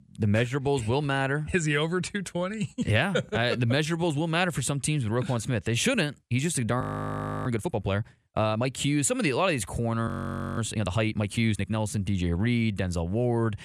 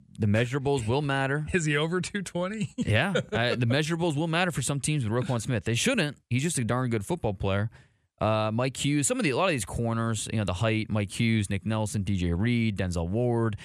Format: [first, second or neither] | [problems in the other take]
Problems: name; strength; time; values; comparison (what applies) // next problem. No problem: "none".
second | audio freezing; at 7 s for 0.5 s and at 10 s